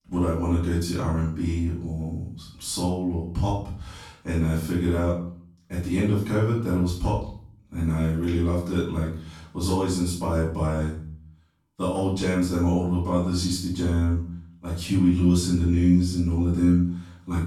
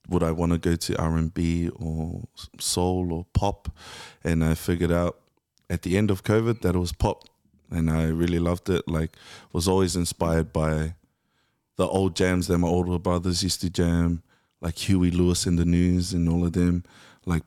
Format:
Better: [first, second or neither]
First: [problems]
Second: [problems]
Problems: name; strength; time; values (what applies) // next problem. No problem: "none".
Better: second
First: off-mic speech; far // room echo; noticeable; dies away in 0.5 s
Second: none